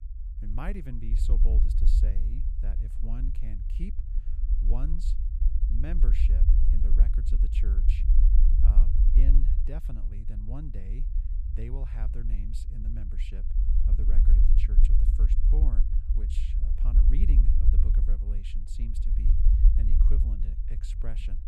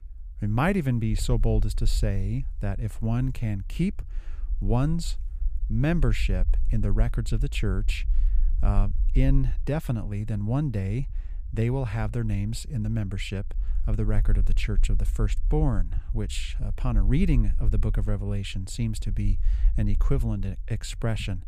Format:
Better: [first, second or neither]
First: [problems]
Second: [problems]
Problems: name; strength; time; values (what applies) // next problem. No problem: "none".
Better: second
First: low rumble; loud; throughout; 1 dB below the speech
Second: low rumble; faint; throughout; 20 dB below the speech